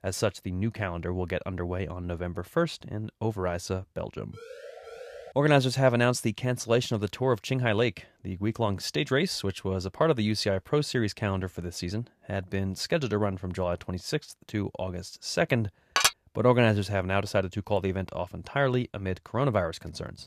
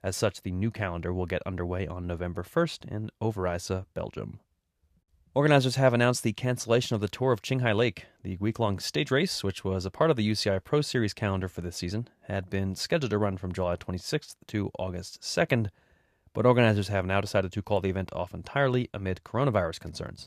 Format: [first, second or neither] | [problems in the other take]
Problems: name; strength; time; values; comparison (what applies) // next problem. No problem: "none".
second | siren; faint; at 4.5 s; peak 15 dB below the speech // clattering dishes; loud; at 16 s; peak 5 dB above the speech